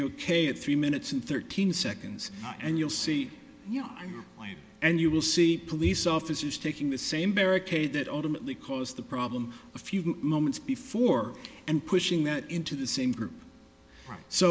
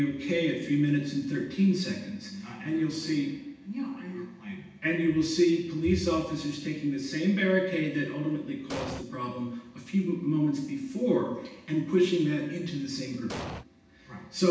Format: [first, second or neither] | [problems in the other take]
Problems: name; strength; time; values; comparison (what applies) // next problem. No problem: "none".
first | background sound (Explosion); 7 dB below the speech // room echo; dies away in 0.9 s